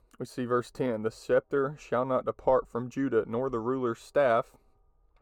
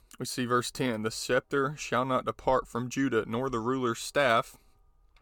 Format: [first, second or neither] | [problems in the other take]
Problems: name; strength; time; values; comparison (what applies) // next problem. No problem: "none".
second | muffled; slightly; fading above 2 kHz